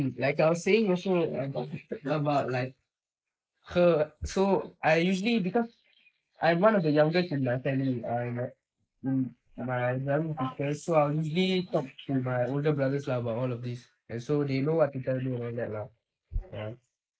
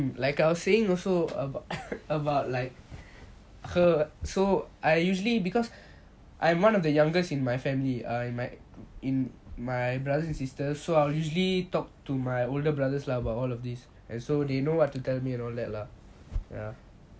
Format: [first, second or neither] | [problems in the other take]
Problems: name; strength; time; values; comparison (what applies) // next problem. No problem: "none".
second | noise reduction (neural mask model Resemble Enhance denoiser)